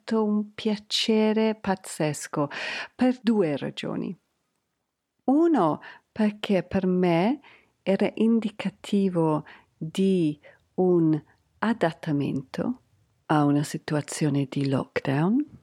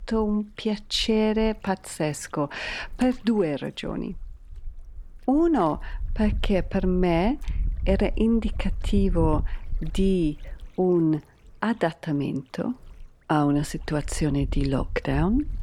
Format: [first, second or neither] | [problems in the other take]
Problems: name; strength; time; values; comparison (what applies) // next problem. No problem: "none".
first | wind noise on the microphone; occasional gusts; 25 dB below the speech